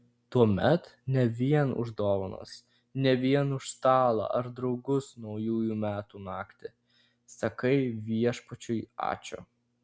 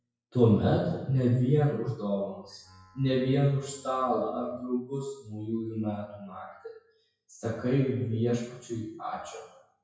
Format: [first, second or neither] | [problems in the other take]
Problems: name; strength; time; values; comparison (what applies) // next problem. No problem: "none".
first | noise reduction (classical method WPE with log-MMSE)